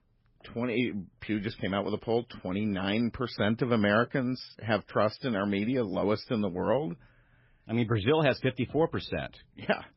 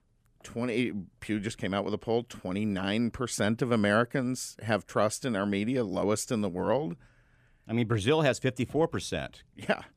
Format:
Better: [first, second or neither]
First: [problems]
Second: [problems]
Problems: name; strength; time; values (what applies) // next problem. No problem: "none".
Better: second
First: garbled, watery; badly; nothing above 5.5 kHz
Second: none